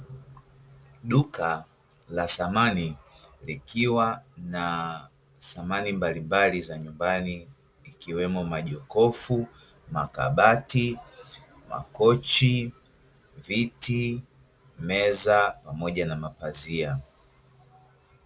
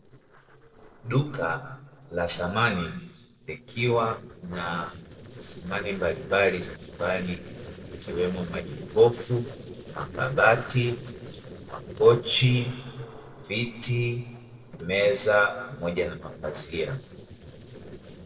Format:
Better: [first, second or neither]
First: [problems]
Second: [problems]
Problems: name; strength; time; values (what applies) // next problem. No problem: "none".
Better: first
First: none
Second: noise reduction (neural separator model SepFormer DNS4)